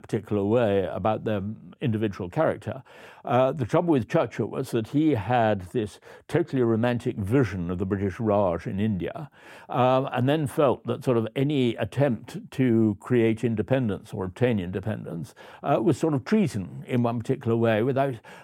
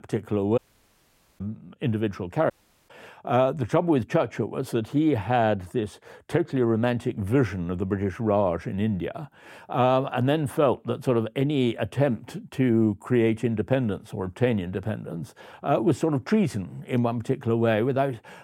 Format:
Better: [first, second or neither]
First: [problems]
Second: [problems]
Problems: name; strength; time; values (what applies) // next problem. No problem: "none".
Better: first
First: none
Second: audio cutting out; at 0.5 s for 1 s and at 2.5 s